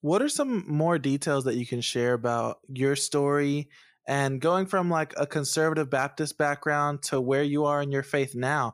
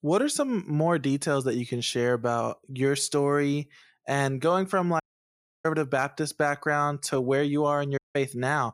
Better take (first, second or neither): first